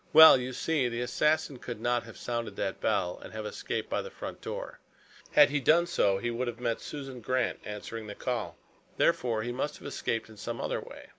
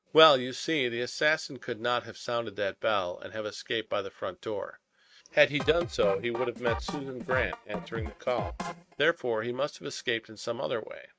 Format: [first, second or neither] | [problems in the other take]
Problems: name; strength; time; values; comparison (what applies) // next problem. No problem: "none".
first | noise reduction (neural mask model RNNoise)